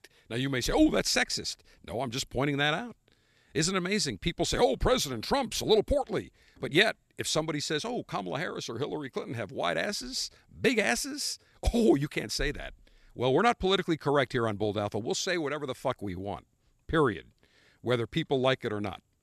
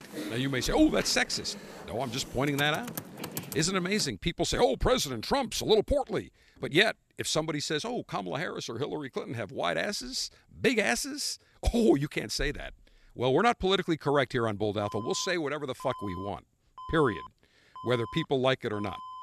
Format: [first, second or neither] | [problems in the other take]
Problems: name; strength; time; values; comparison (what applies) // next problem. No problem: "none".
first | keyboard typing; noticeable; until 4 s; peak 8 dB below the speech // alarm; faint; from 15 s on; peak 15 dB below the speech